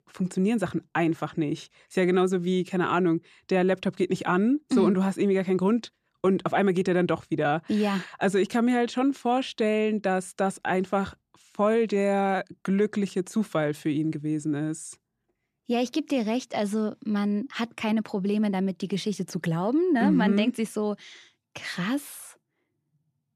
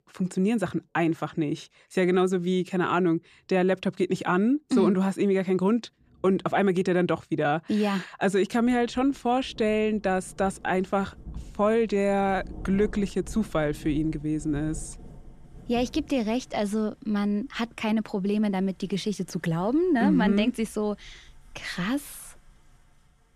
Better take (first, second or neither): first